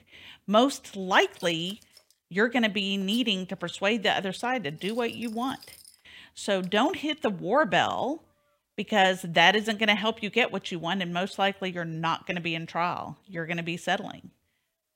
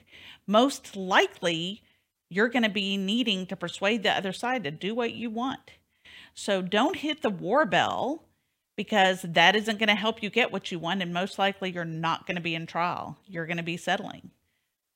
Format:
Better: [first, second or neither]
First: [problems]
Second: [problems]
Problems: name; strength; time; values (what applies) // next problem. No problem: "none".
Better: second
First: household noises; faint; throughout; 25 dB below the speech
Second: none